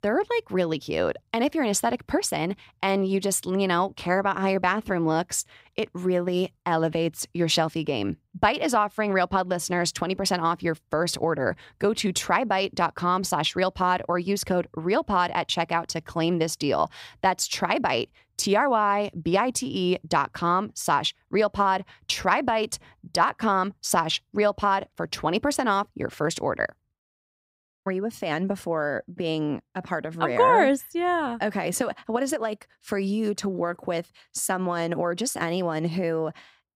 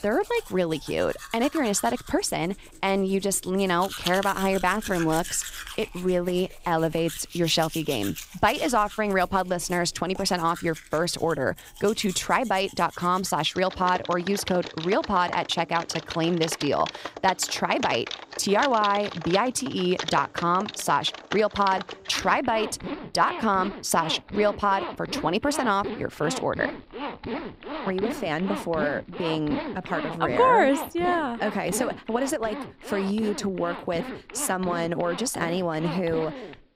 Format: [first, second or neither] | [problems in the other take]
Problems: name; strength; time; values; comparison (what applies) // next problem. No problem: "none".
first | household noises; noticeable; throughout; 10 dB below the speech